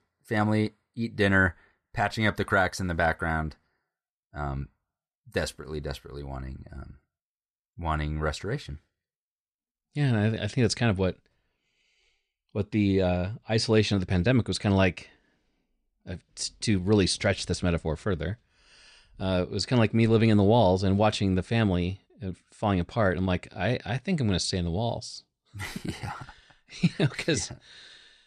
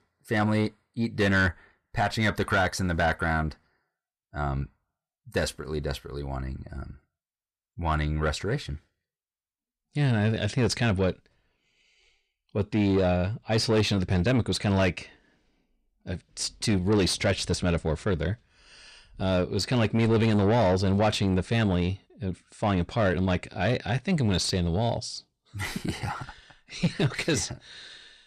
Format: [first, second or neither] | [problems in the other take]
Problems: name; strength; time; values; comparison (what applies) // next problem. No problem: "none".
first | distortion; slight; 10 dB below the speech